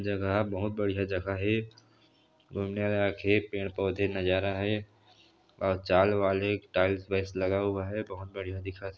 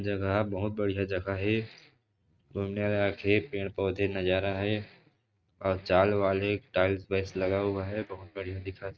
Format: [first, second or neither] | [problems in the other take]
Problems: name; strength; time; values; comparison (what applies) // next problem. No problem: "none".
first | noise reduction (neural mask model RNNoise)